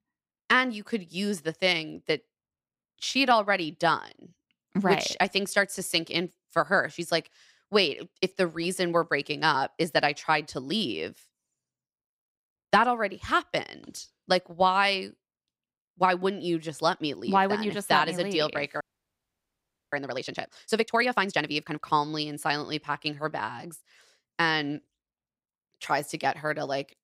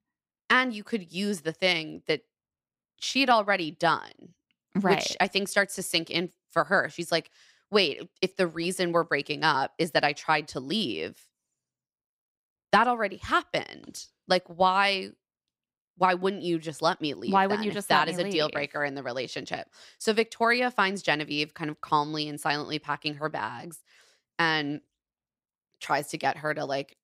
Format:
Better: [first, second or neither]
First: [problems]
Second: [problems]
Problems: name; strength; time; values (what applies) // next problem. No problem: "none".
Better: second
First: audio freezing; at 19 s for 1 s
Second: none